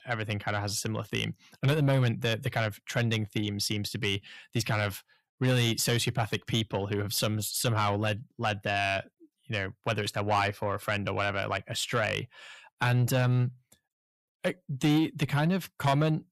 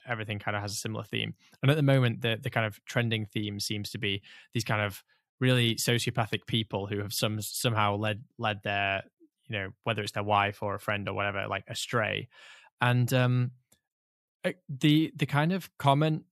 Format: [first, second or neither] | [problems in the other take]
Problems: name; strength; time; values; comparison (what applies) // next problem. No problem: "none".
second | distortion; slight; 10 dB below the speech